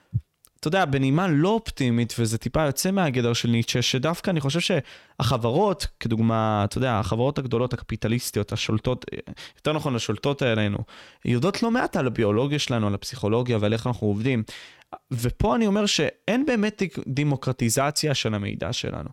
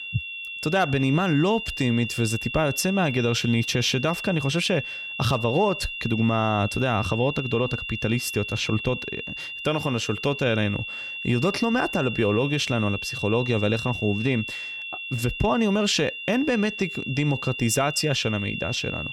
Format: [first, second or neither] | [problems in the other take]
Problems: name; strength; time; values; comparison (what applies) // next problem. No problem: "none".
first | high-pitched whine; loud; throughout; 2.5 kHz, 7 dB below the speech